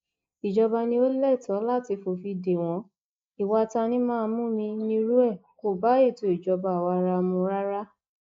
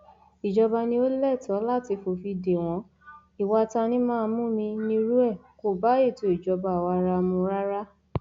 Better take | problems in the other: second | noise reduction (neural mask model Resemble Enhance denoiser)

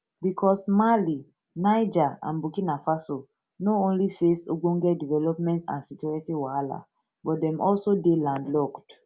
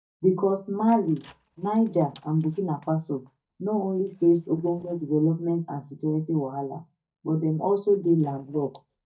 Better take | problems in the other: first | noise reduction (neural mask model DeepFilterNet 3)

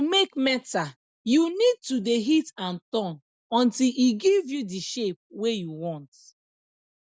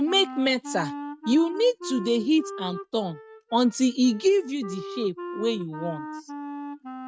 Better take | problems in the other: first | noise reduction (neural mask model RNNoise)

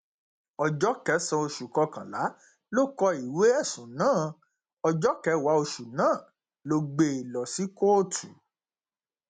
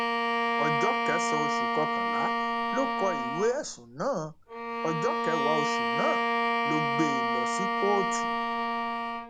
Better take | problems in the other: first | background sound (Bowed string instrument); 4 dB above the speech

